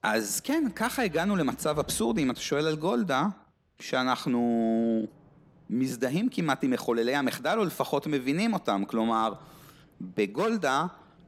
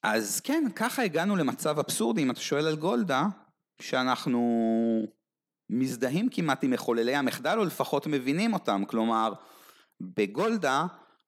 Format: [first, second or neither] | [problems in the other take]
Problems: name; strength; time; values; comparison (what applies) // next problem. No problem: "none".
second | rain or running water; faint; throughout; 30 dB below the speech